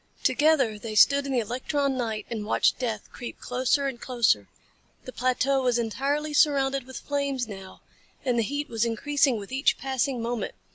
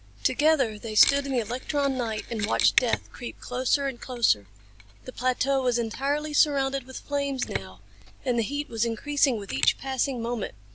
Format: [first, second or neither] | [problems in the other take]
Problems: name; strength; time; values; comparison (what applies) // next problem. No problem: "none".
first | background sound (Mechanisms); 11 dB below the speech